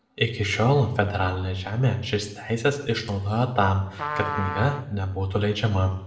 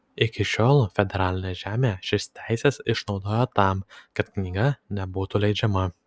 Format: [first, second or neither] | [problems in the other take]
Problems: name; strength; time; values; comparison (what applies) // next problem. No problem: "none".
second | background sound (Trumpet); 10 dB below the speech // room echo; dies away in 1 s